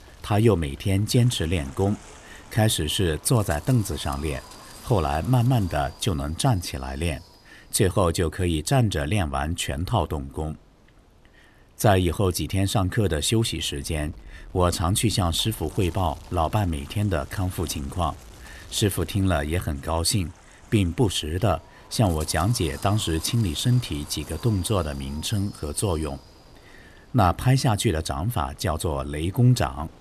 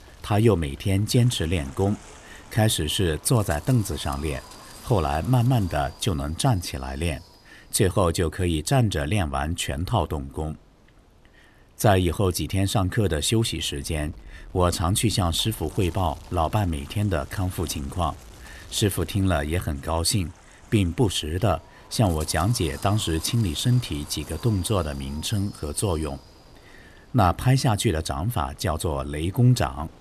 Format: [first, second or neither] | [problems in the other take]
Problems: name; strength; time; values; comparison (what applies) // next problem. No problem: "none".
neither | wind noise on the microphone; occasional gusts; 20 dB below the speech; the same in both